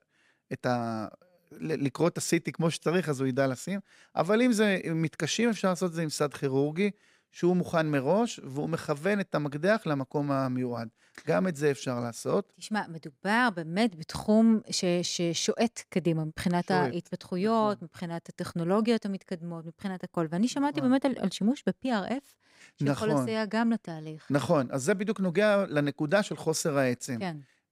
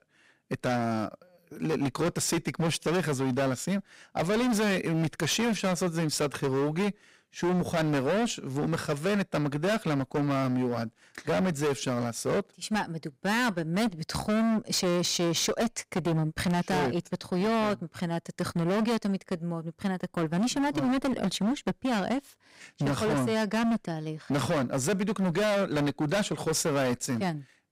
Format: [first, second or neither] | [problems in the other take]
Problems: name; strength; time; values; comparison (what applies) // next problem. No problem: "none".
first | distortion; heavy; 23% of the sound clipped